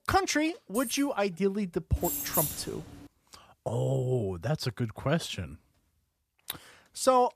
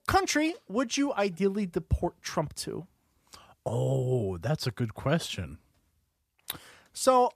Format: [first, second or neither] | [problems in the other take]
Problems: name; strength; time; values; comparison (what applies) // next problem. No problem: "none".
second | jangling keys; noticeable; at 0.5 s; peak 8 dB below the speech // jangling keys; loud; at 2 s; peak 2 dB above the speech